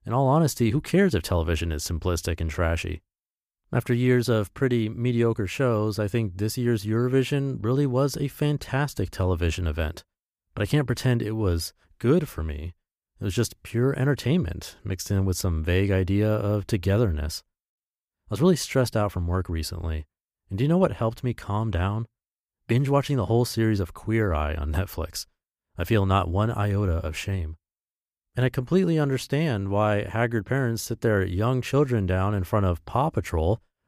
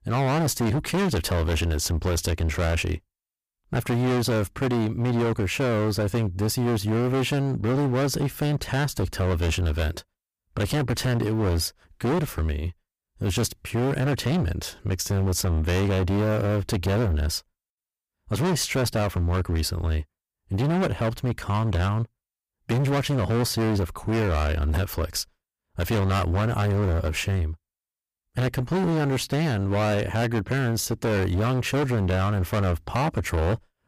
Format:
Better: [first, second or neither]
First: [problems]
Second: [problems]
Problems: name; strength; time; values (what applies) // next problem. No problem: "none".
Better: first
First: none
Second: distortion; heavy; 26% of the sound clipped